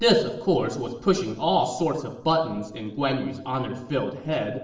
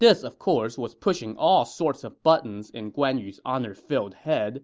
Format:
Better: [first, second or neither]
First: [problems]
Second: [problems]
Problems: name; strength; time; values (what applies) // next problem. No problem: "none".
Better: second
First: room echo; dies away in 0.8 s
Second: none